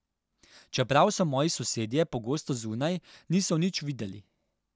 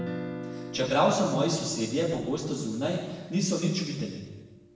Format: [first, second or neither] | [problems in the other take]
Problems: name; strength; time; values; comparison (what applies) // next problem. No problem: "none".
first | background sound (Guitar); 12 dB below the speech // room echo; dies away in 1.2 s